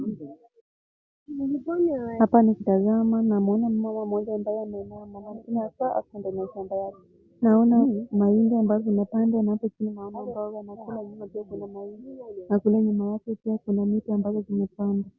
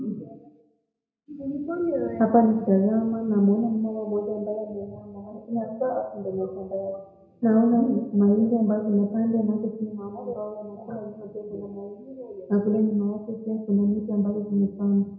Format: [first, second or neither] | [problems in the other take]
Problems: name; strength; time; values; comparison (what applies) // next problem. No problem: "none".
first | room echo; dies away in 0.8 s